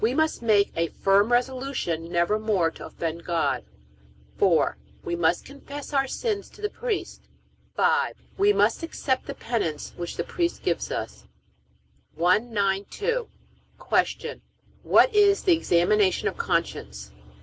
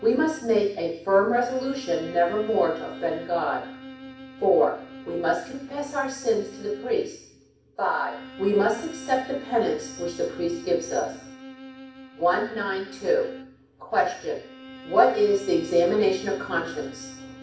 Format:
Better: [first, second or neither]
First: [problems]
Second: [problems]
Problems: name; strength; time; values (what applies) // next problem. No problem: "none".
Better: first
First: none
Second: background sound (Bowed string instrument); 17 dB below the speech // room echo; dies away in 0.6 s